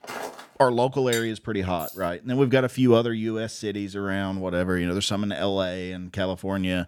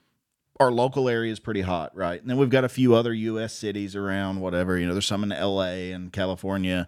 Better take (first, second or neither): second